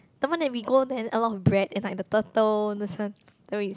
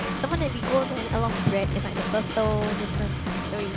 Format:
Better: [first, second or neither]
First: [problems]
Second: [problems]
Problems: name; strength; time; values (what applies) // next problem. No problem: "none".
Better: first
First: none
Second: background sound (Drum / Drum kit); as loud as the speech